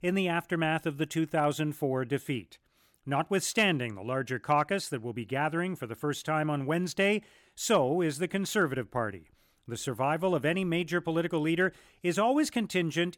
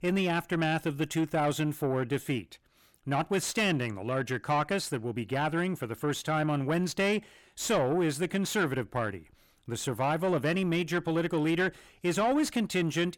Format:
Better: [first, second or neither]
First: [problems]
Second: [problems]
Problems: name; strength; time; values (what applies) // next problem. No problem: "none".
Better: first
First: none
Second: distortion; slight; 10 dB below the speech